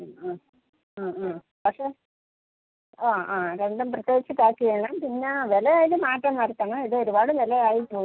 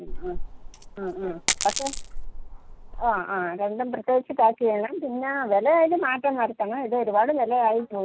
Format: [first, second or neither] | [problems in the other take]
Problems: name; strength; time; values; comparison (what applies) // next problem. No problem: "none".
first | background sound (Coin (dropping)); 6 dB below the speech